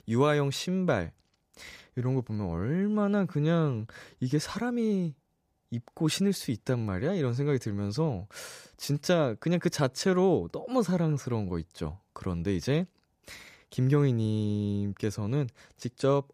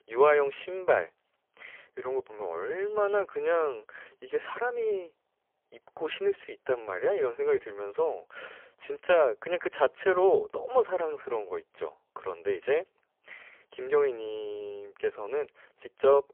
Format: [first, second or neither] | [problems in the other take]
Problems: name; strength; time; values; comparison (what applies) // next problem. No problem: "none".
first | phone-call audio; poor line; nothing above 3 kHz